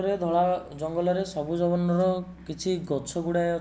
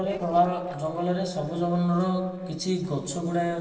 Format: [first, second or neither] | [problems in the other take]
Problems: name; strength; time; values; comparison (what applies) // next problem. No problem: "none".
first | noise reduction (neural separator model SepFormer DNS4)